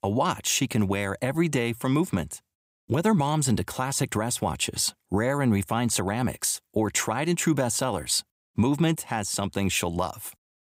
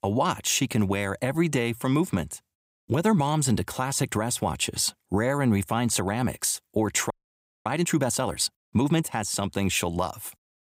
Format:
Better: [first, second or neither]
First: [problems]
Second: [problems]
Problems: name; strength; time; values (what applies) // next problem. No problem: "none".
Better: first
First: none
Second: audio freezing; at 7 s for 0.5 s